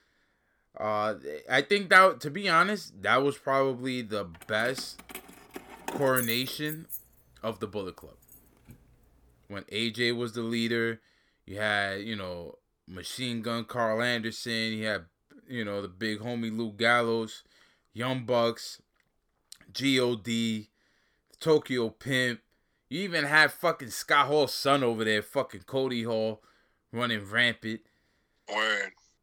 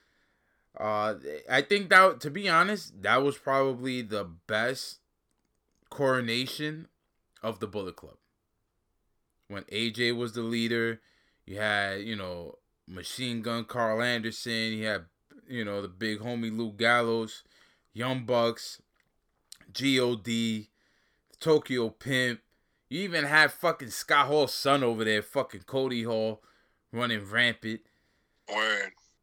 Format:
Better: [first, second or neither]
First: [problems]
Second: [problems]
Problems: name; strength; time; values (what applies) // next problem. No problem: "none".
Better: second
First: jangling keys; noticeable; from 4.5 to 7 s; peak 4 dB below the speech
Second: none